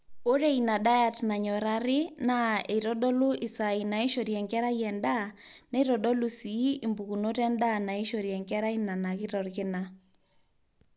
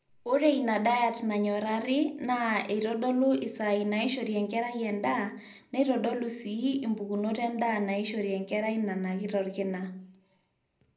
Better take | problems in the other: first | room echo; dies away in 0.4 s

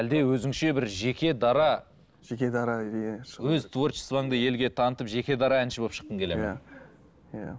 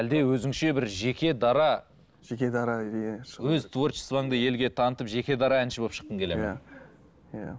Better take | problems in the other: second | background sound (Bowed string instrument); 19 dB below the speech

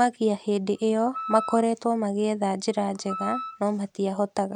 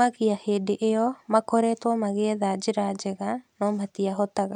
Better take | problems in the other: second | background sound (Wind instrument, woodwind instrument); 12 dB below the speech

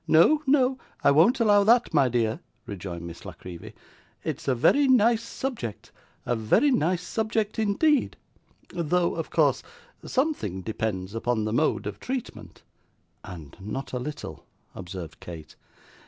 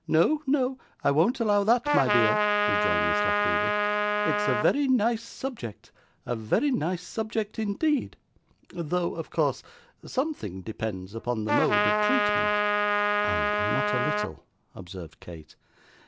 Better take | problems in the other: first | background sound (Trumpet); 3 dB above the speech

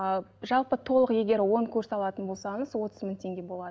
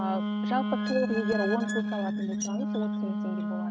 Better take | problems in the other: first | noise reduction (neural mask model RNNoise)

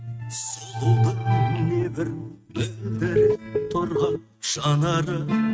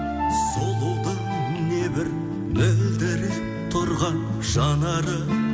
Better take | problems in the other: second | noise reduction (neural mask model RNNoise)

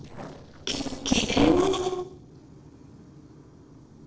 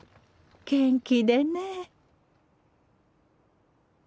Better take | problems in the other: second | noise reduction (neural separator model SepFormer DNS4)

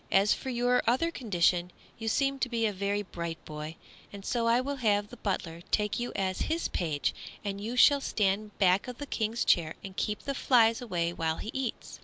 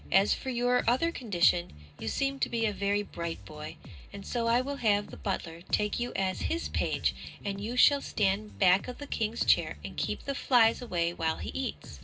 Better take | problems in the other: first | background sound (Bass guitar); 15 dB below the speech // room echo; dies away in 0.2 s

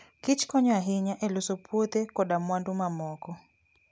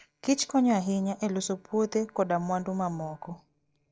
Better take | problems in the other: first | noise reduction (neural separator model SepFormer DNS4)

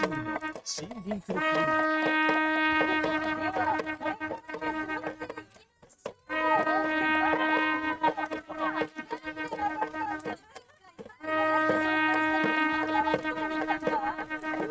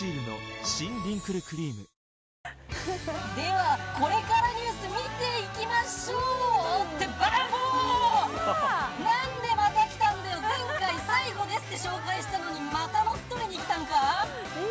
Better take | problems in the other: second | noise reduction (neural mask model RNNoise)

